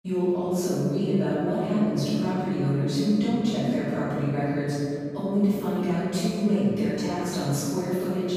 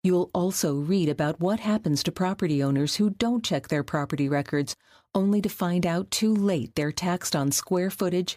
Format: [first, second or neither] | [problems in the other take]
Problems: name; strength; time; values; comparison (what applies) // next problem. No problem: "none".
second | off-mic speech; far // room echo; strong; dies away in 3 s